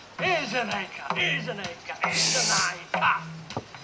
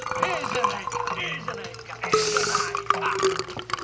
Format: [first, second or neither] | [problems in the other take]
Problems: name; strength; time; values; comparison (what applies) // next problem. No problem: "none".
first | background sound (Liquid); 5 dB above the speech